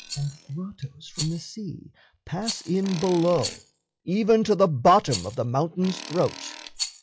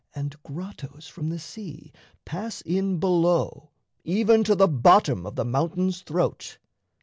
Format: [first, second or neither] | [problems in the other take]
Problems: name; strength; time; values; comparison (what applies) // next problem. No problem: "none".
second | noise reduction (classical method log-MMSE)